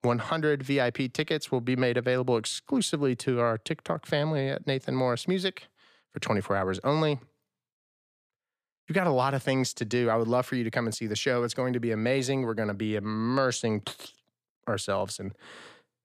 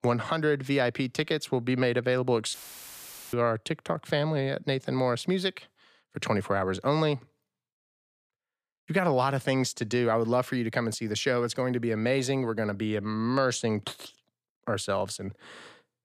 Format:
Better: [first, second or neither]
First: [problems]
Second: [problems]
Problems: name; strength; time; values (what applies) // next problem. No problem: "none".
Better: first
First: none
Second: audio cutting out; filled with static; at 2.5 s for 1 s